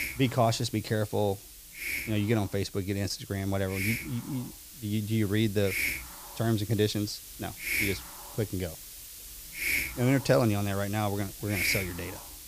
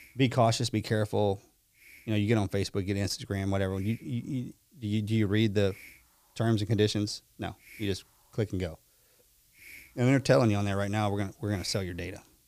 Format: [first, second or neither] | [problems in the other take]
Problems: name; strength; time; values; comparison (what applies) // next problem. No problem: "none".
second | hiss; loud; throughout; 5 dB below the speech; faint in the second